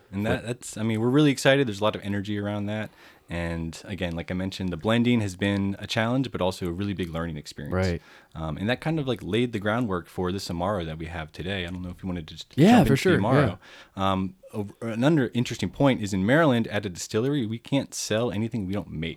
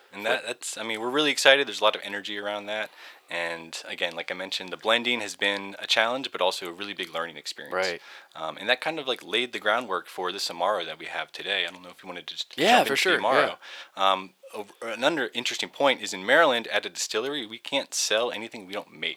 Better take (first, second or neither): first